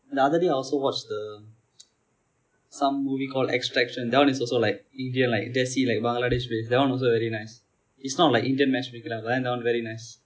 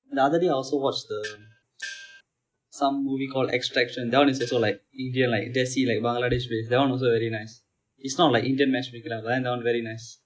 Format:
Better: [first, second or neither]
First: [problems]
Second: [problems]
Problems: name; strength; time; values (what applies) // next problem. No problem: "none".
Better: first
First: none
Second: noise reduction (neural mask model RNNoise)